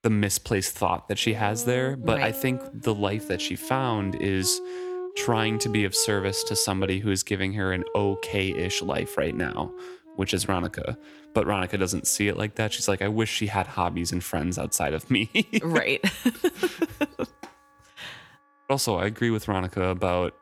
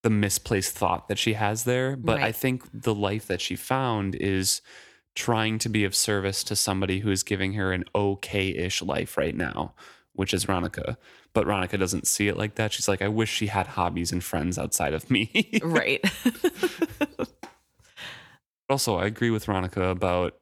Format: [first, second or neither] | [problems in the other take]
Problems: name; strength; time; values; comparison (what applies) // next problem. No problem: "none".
second | background music; noticeable; throughout; 10 dB below the speech